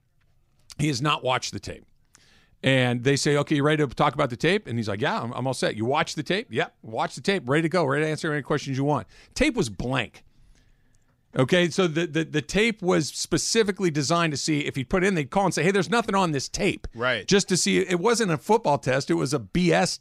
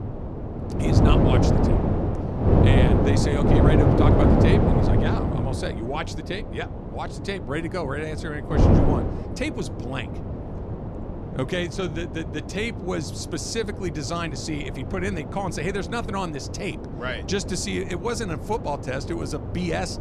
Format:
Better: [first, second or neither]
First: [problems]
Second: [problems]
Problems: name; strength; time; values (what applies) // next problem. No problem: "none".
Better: first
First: none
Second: wind noise on the microphone; heavy; 1 dB above the speech